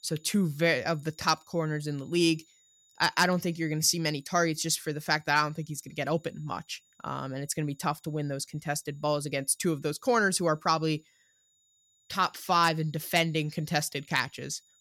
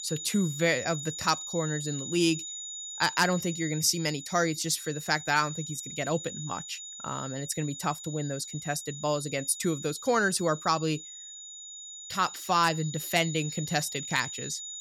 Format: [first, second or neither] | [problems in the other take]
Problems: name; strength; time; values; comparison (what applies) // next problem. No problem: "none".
first | high-pitched whine; loud; throughout; 7 kHz, 9 dB below the speech; faint in the first